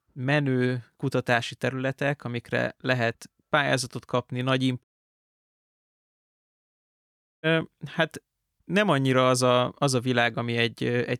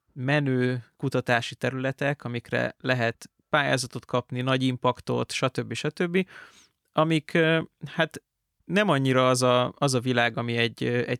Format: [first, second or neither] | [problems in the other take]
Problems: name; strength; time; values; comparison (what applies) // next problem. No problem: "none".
second | audio cutting out; at 5 s for 2.5 s